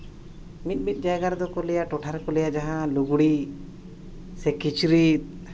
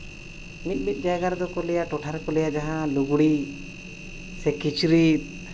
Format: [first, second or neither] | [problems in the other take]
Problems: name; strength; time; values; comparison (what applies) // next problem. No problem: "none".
first | background sound (Engine); 19 dB below the speech